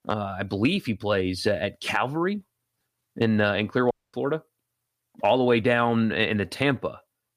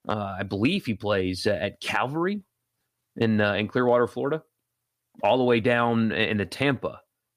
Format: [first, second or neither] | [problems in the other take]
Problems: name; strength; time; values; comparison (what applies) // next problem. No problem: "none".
second | audio cutting out; at 4 s